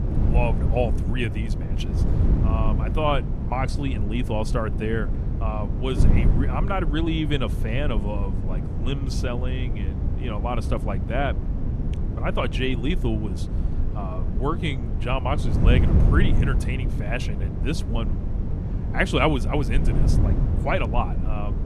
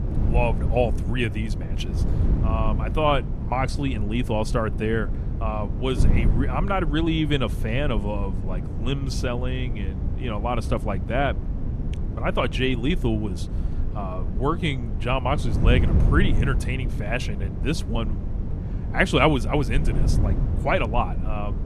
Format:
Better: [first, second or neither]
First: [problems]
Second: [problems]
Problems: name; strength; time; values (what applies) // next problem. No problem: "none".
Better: second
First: wind noise on the microphone; heavy; 8 dB below the speech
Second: wind noise on the microphone; occasional gusts; 10 dB below the speech